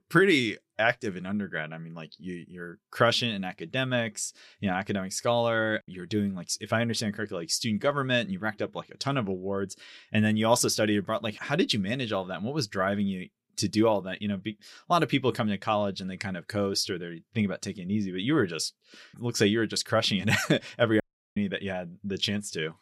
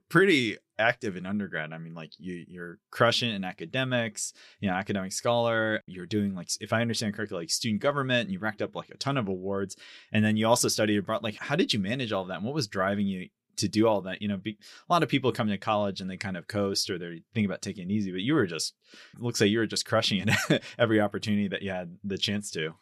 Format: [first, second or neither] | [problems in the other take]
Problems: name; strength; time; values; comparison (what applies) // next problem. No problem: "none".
second | audio cutting out; at 21 s